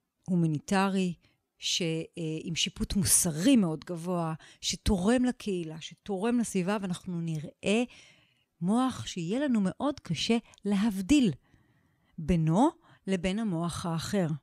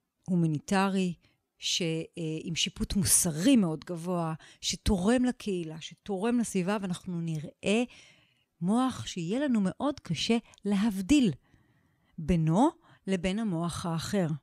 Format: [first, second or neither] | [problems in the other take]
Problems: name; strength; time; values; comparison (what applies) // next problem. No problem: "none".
neither | none